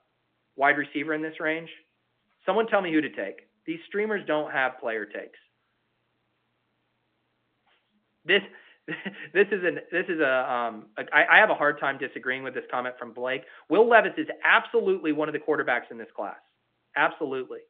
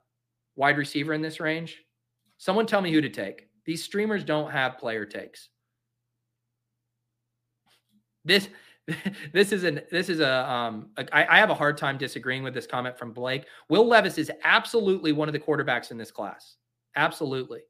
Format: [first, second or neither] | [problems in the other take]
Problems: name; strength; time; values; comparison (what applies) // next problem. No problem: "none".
second | phone-call audio